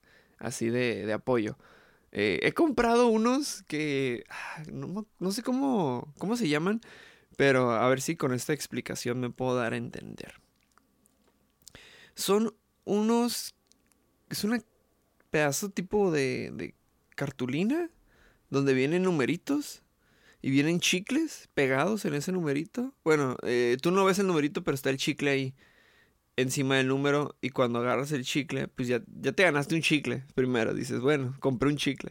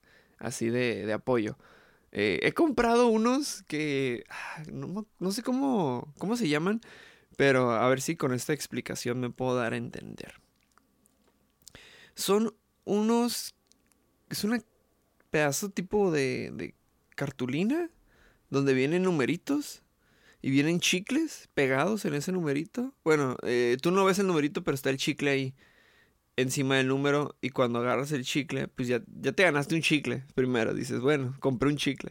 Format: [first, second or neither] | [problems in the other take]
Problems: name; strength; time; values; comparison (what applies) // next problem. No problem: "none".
neither | none